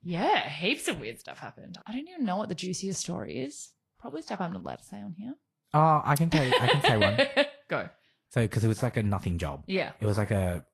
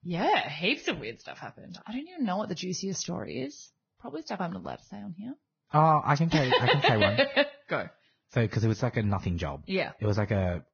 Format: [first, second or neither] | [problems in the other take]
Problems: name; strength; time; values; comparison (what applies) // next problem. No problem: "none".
first | garbled, watery; badly; nothing above 6.5 kHz; slightly in the first